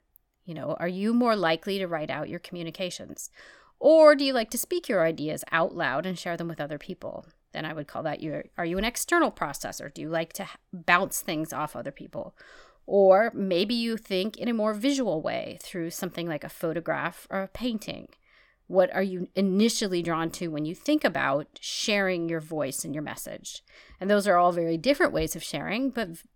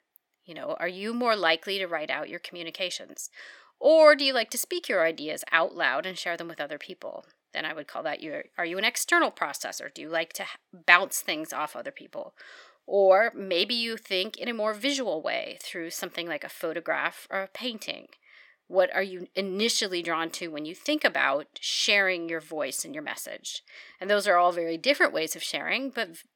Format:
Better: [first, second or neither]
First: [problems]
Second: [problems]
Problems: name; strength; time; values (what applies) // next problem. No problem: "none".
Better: first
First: none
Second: thin; somewhat; fading below 350 Hz